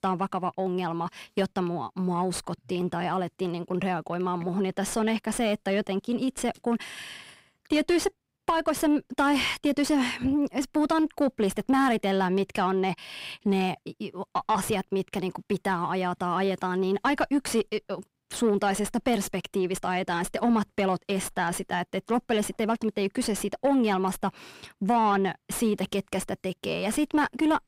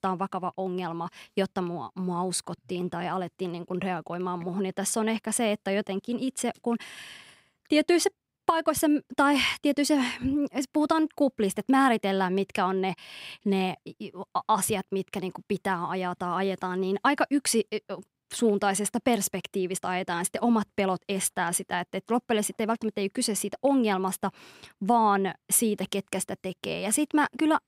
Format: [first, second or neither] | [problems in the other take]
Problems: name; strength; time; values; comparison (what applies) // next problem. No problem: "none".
second | distortion; slight; 10 dB below the speech